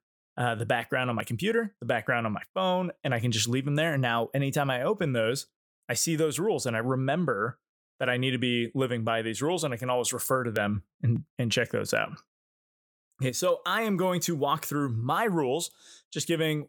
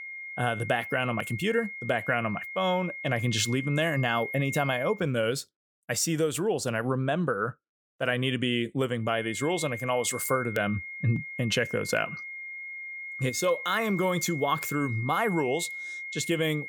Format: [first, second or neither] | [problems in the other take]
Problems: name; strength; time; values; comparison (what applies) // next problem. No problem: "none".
first | high-pitched whine; loud; until 5 s and from 9 s on; 2 kHz, 8 dB below the speech